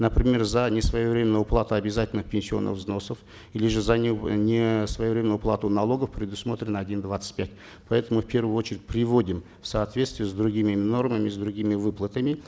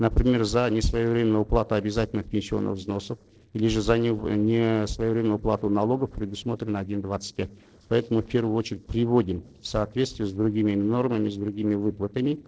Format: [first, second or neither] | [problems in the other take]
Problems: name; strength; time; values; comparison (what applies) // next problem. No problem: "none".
first | noise reduction (neural separator model SepFormer DNS4)